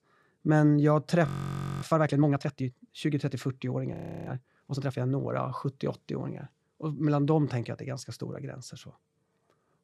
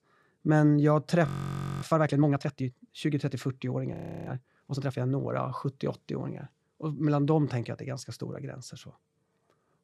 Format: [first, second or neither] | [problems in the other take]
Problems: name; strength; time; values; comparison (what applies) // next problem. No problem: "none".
neither | audio freezing; at 1.5 s for 0.5 s and at 4 s; the same in both